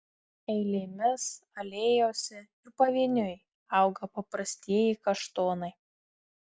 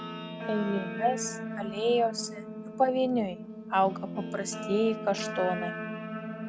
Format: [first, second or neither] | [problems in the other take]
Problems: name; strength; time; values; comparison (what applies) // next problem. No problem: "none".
first | background sound (Guitar); 7 dB below the speech